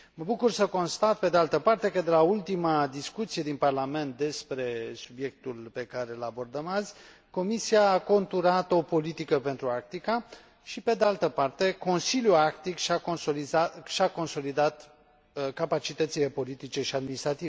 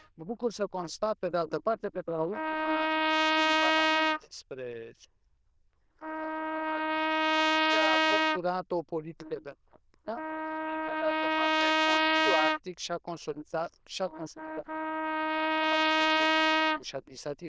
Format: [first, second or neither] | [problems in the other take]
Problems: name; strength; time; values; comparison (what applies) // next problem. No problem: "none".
first | noise reduction (neural diffusion model UNIVERSE++)